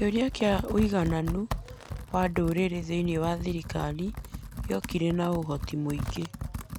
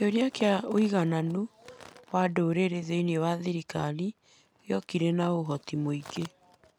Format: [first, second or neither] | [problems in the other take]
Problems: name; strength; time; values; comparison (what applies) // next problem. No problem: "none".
second | background sound (Computer keyboard); 8 dB below the speech